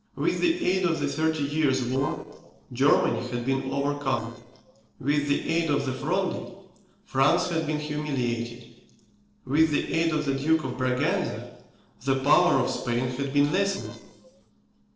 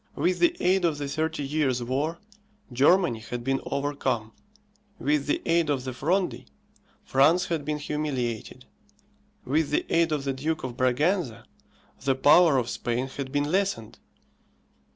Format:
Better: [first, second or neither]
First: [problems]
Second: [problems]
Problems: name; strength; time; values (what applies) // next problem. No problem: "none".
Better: second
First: noise reduction (neural separator model SepFormer DNS4)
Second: none